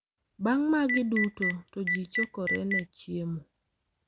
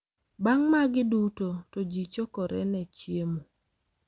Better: second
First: background sound (Telephone); 1 dB below the speech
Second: none

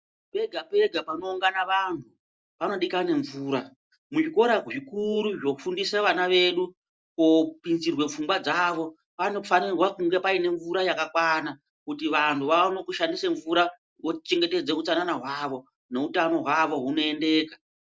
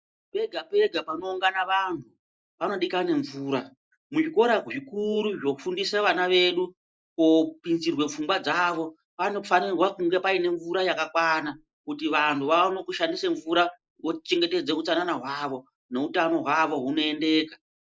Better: first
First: none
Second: noise reduction (neural mask model Resemble Enhance denoiser)

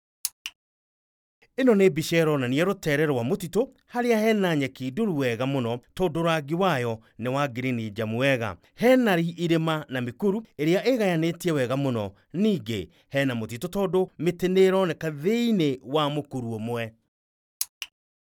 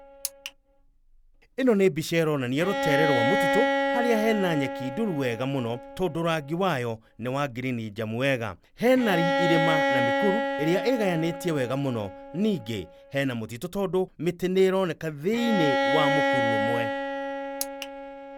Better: first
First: none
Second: background sound (Bowed string instrument); 2 dB below the speech

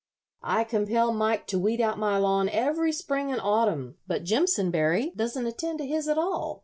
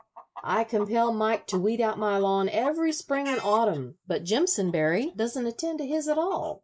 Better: first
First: none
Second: noise reduction (neural mask model Resemble Enhance denoiser)

